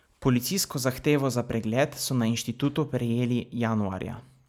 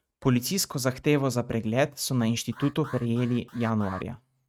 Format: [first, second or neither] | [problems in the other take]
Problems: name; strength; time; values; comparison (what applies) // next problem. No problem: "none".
first | noise reduction (neural mask model RNNoise)